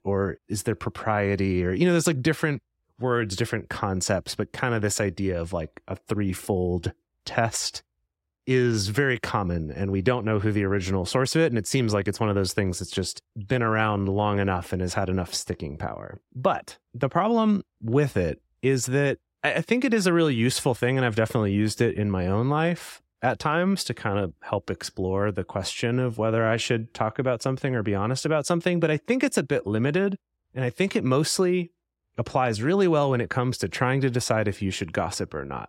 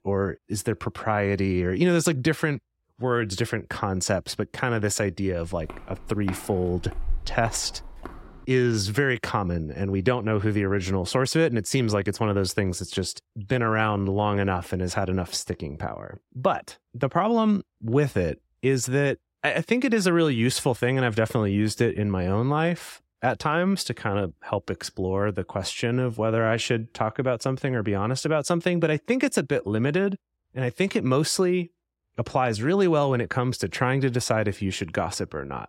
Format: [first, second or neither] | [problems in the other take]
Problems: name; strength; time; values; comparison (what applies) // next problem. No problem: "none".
first | footsteps; noticeable; from 5.5 to 8 s; peak 10 dB below the speech